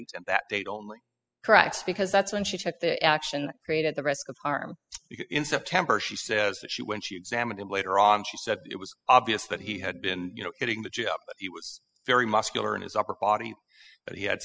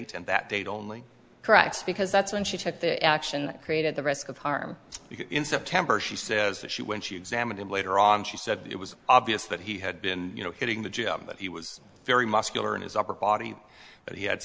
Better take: second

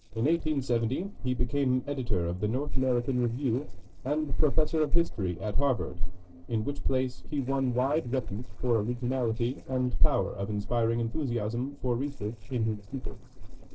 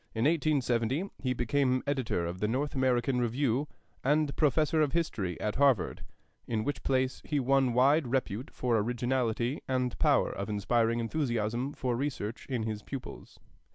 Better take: second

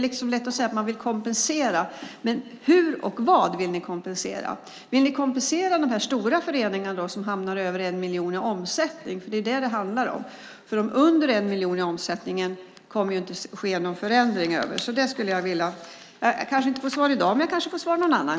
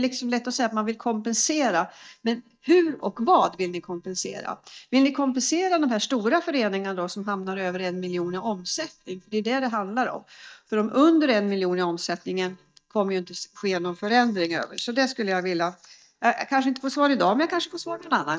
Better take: first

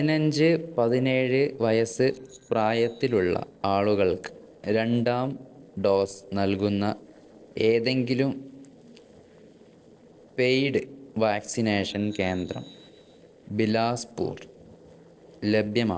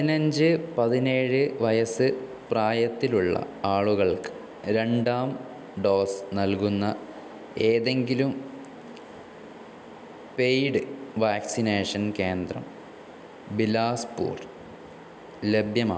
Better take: second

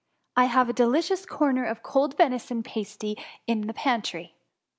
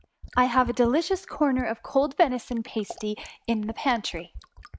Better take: first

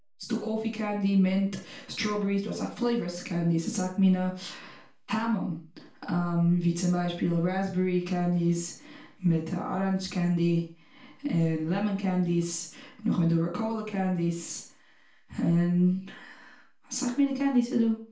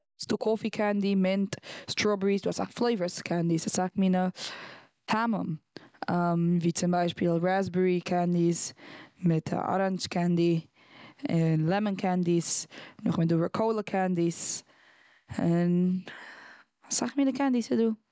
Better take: second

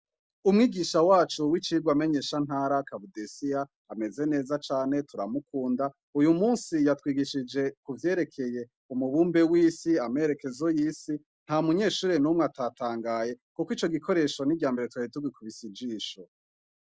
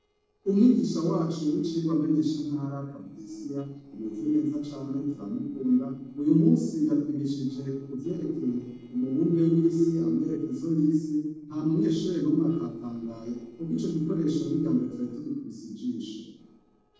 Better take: first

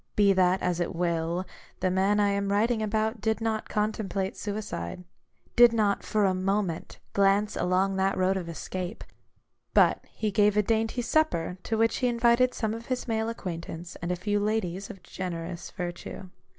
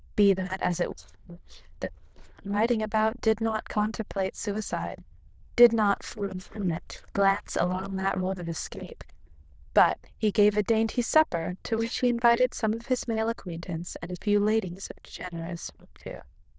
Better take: first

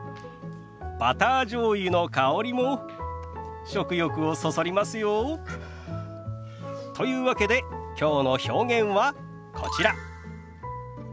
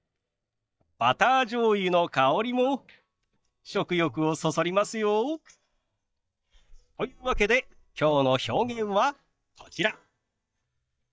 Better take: first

